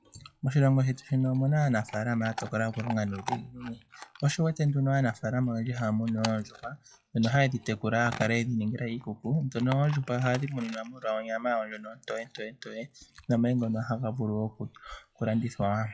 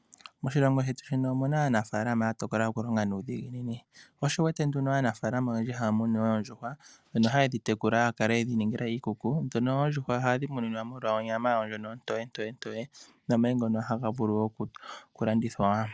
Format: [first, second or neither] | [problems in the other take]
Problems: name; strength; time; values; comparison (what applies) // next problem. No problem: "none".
second | noise reduction (classical method WPE with log-MMSE)